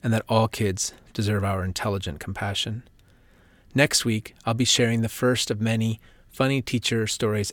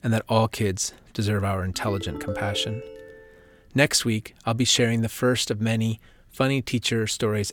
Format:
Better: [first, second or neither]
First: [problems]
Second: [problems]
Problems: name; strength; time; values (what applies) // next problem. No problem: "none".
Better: first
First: none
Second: phone ringing; noticeable; from 1.5 to 3 s; peak 8 dB below the speech